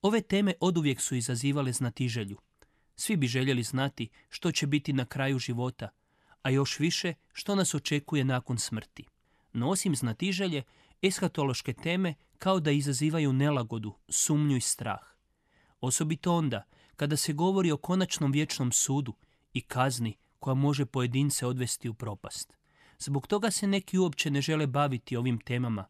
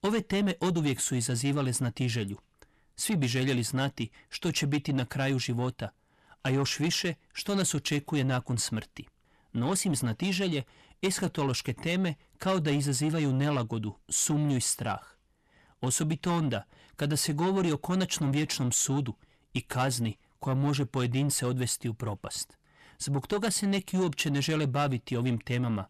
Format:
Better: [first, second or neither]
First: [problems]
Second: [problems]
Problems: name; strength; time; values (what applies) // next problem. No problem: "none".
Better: first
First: none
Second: distortion; slight; 10 dB below the speech